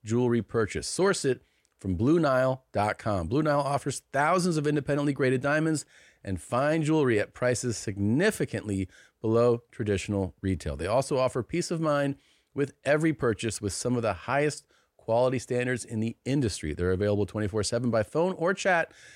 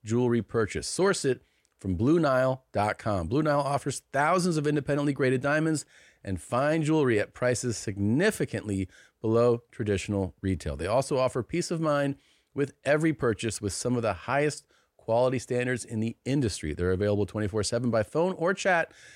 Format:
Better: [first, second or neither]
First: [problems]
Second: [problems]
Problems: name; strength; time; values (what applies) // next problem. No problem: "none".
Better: neither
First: none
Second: none